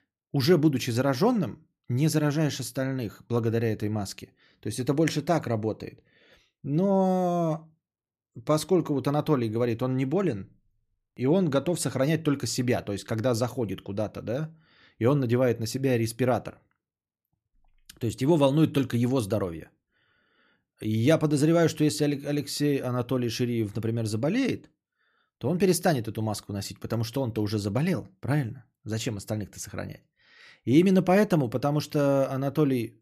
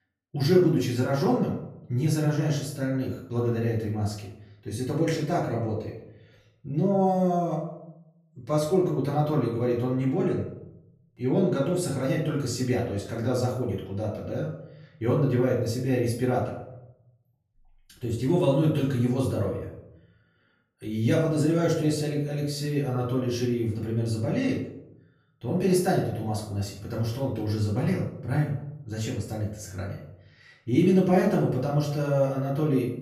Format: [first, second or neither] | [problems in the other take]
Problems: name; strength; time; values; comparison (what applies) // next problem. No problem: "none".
first | off-mic speech; far // room echo; noticeable; dies away in 0.6 s